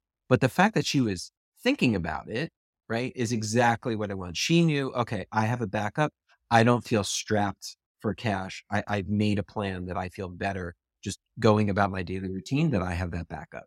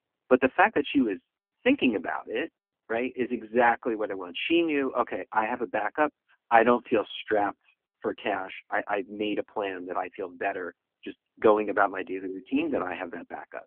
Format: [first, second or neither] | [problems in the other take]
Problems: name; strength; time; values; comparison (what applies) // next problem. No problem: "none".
first | phone-call audio; nothing above 3.5 kHz